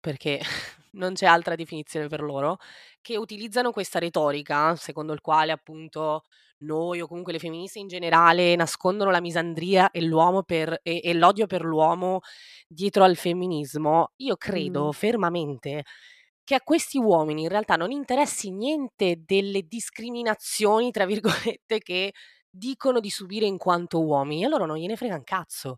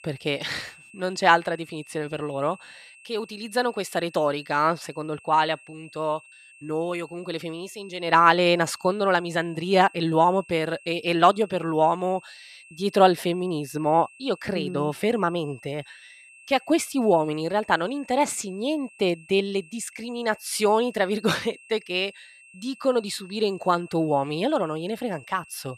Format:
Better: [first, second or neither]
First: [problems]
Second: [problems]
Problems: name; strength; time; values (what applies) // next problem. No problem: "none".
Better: first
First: none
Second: high-pitched whine; faint; throughout; 2.5 kHz, 25 dB below the speech